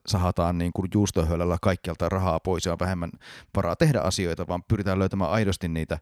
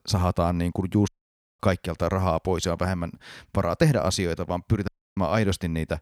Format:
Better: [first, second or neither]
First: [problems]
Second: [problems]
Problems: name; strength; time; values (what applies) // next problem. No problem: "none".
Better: first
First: none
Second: audio cutting out; at 1 s for 0.5 s and at 5 s